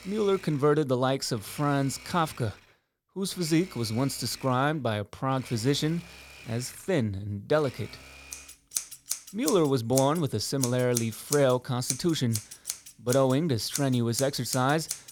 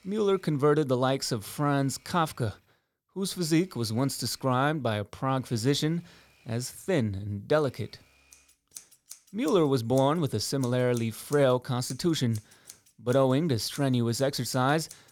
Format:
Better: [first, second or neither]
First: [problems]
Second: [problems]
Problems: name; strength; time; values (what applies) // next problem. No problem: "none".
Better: second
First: household noises; loud; throughout; 10 dB below the speech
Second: household noises; faint; throughout; 25 dB below the speech